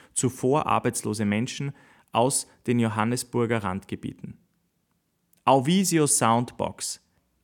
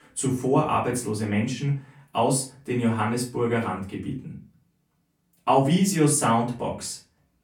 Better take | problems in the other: first | off-mic speech; far // room echo; slight; dies away in 0.3 s

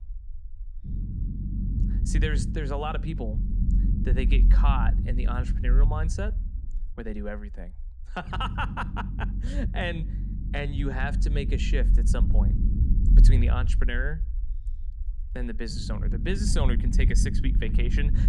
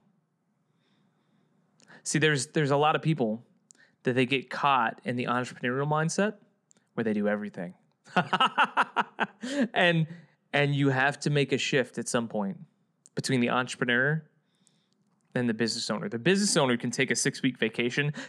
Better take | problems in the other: second | low rumble; loud; throughout; 9 dB below the speech

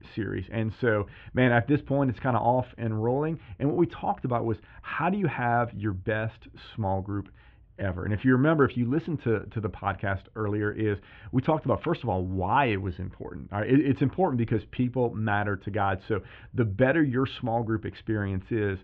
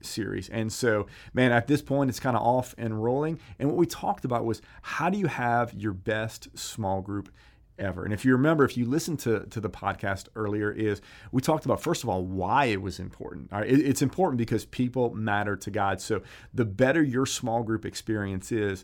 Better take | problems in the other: second | muffled; very; fading above 3 kHz

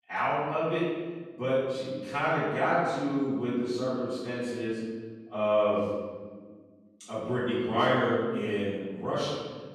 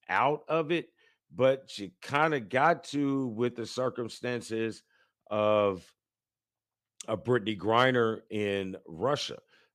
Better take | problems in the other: second | room echo; strong; dies away in 1.5 s // off-mic speech; far

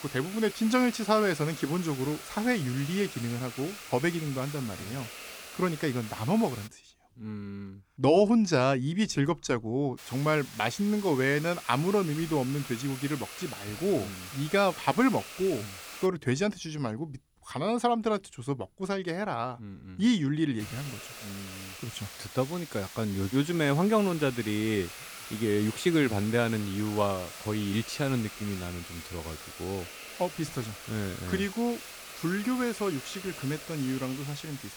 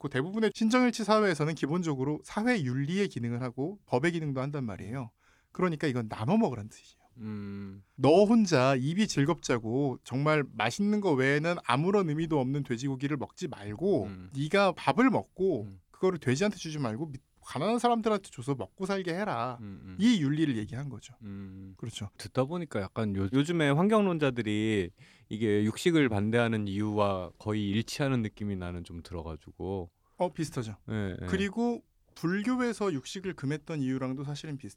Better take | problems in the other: second | hiss; noticeable; until 6.5 s, from 10 to 16 s and from 21 s on; 10 dB below the speech

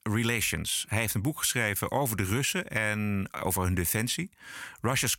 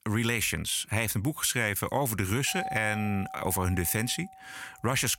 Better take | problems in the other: first | doorbell; noticeable; from 2.5 to 4.5 s; peak 7 dB below the speech

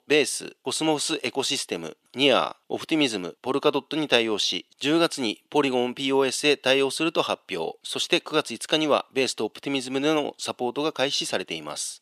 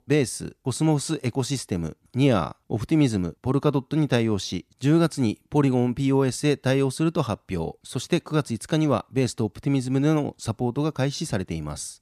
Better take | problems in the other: second | thin; somewhat; fading below 450 Hz

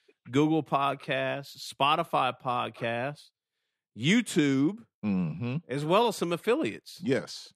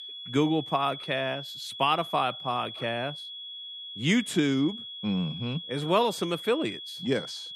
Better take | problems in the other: first | high-pitched whine; loud; throughout; 3.5 kHz, 9 dB below the speech

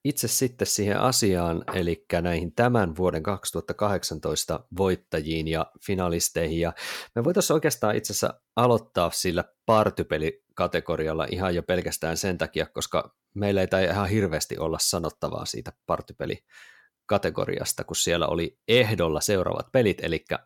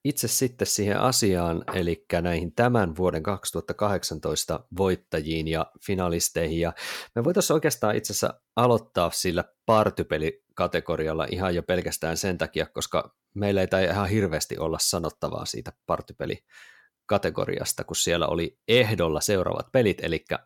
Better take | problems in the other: neither | none

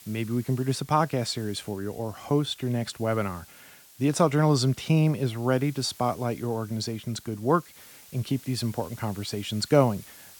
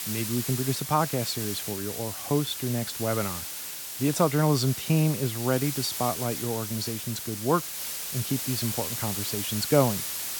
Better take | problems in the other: first | hiss; loud; throughout; 4 dB below the speech; faint in the first

